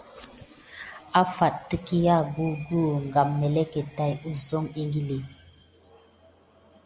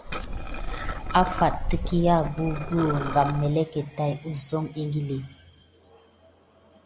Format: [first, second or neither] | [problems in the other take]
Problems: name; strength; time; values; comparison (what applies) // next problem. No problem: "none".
first | background sound (Liquid); 3 dB below the speech